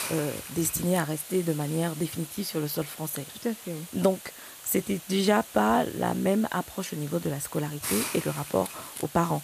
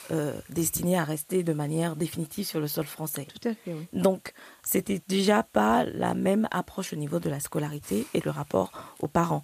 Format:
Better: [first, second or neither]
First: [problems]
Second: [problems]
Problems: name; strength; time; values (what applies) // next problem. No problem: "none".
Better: second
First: hiss; loud; throughout; 10 dB below the speech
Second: hiss; faint; throughout; 25 dB below the speech